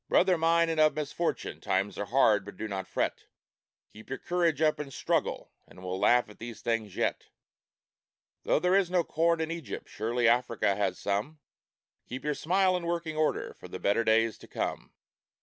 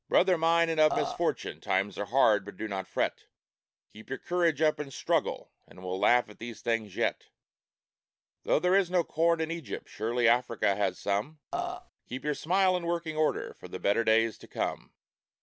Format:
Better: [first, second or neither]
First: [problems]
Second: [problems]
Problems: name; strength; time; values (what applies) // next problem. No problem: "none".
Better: first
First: none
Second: background sound (Burping, eructation); 3 dB below the speech